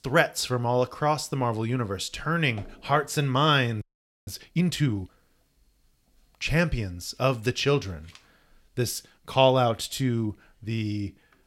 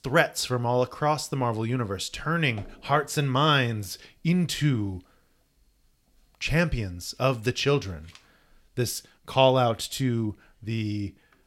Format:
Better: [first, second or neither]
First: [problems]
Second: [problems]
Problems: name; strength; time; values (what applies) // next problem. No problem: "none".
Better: second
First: audio freezing; at 4 s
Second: none